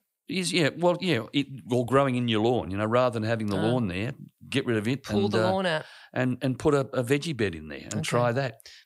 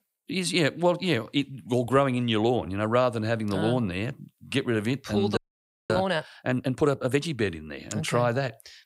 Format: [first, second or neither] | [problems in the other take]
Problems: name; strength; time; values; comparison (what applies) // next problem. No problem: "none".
first | audio freezing; at 5.5 s for 0.5 s